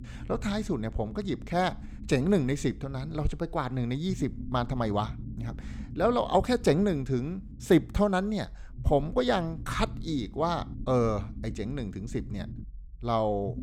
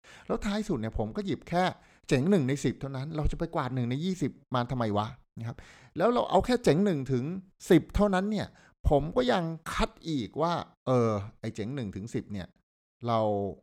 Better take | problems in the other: second | low rumble; faint; throughout; 20 dB below the speech

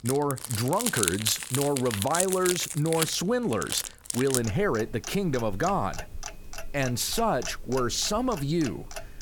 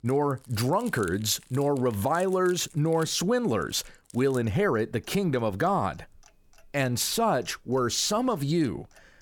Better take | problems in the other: second | household noises; loud; throughout; 5 dB below the speech; faint in the second

